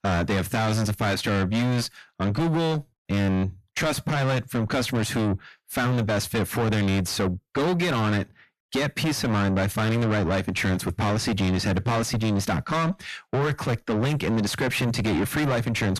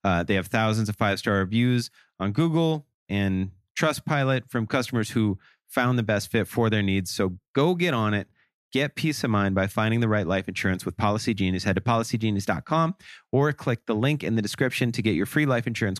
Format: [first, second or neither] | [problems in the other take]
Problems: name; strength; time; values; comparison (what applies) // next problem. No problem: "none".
second | distortion; heavy; 5 dB below the speech